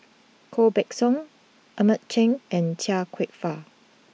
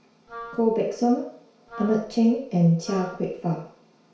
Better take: first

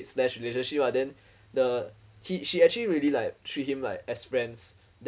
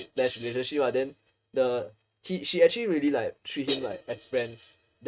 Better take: first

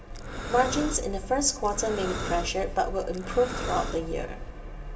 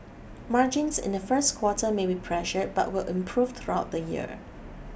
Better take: second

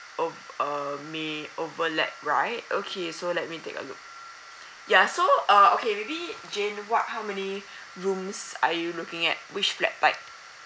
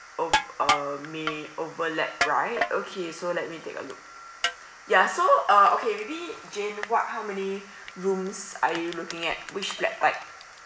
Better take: first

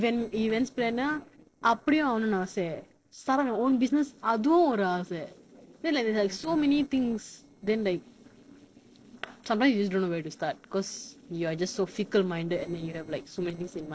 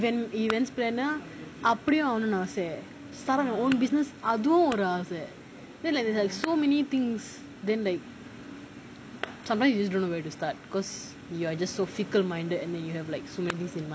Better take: second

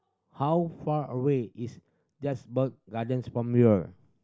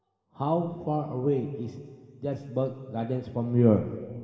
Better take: first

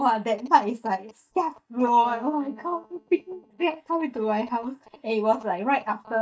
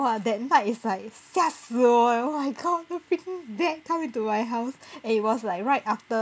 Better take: second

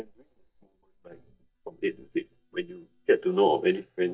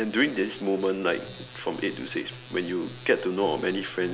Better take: second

